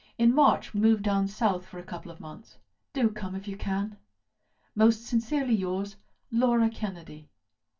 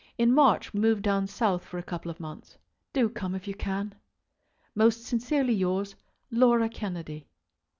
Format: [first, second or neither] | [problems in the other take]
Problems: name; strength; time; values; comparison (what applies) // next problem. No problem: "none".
second | room echo; dies away in 0.1 s